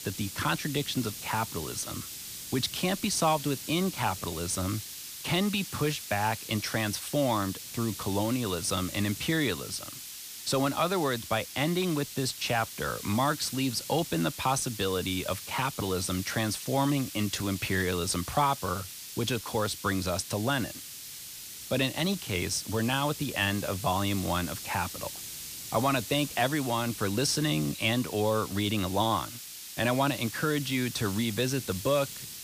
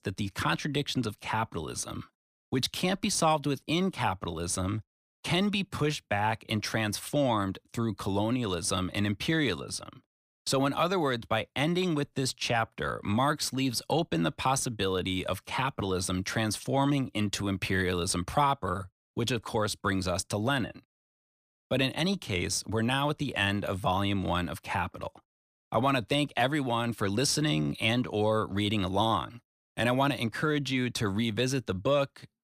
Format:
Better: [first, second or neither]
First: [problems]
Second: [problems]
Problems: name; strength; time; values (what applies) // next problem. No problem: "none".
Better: second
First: hiss; loud; throughout; 9 dB below the speech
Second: none